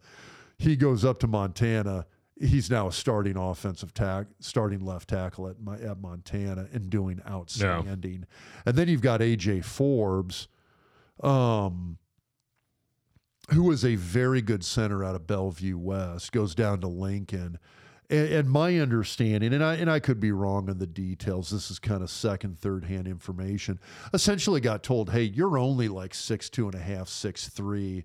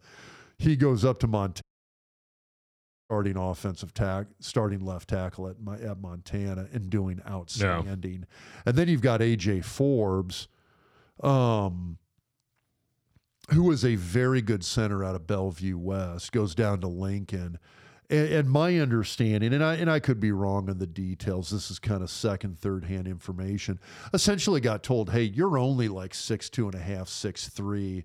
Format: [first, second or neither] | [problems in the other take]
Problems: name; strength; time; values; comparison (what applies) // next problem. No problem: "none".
first | audio cutting out; at 1.5 s for 1.5 s